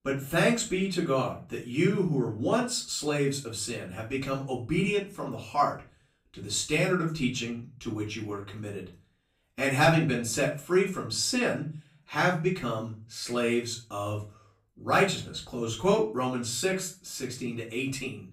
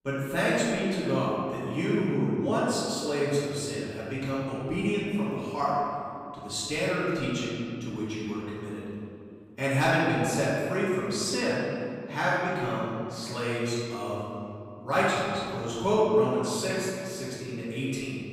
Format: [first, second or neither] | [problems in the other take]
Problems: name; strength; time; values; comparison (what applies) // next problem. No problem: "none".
first | room echo; strong; dies away in 2.3 s; slight in the first // off-mic speech; far; far in the first